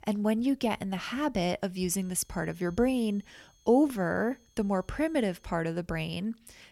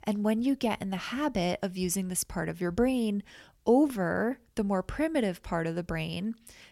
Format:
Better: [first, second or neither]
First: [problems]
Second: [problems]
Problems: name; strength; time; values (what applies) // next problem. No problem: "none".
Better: second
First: high-pitched whine; faint; from 2 to 5.5 s; 6.5 kHz, 35 dB below the speech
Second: none